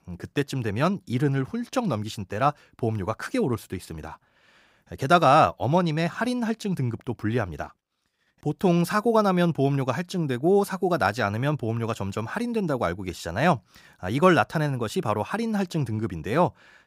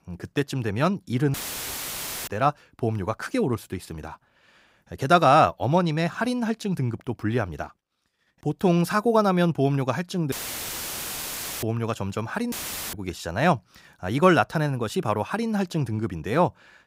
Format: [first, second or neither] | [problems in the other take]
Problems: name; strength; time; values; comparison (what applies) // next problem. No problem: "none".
first | audio cutting out; filled with static; at 1.5 s for 1 s, at 10 s for 1.5 s and at 13 s